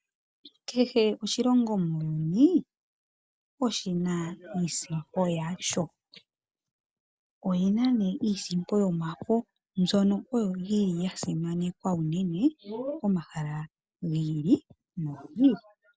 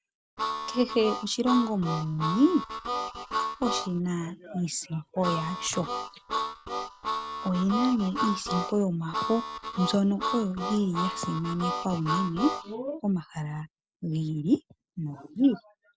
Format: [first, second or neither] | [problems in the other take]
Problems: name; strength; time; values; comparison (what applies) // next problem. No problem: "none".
first | background sound (Harmonica); 4 dB below the speech